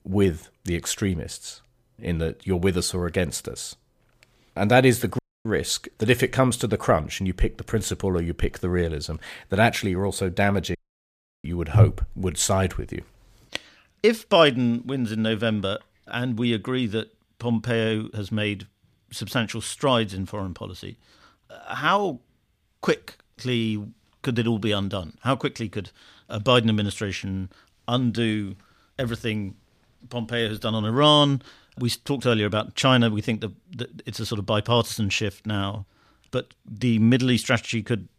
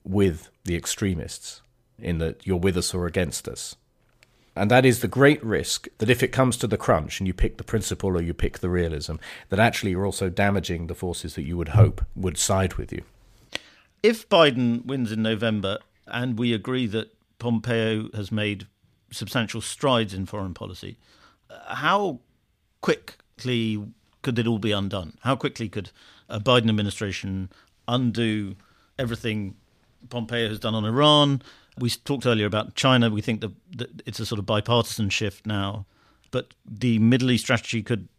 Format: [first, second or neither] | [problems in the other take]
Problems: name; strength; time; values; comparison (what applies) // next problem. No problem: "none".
second | audio cutting out; at 5 s and at 11 s for 0.5 s